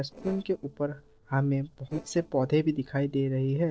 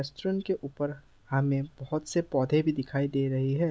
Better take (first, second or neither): second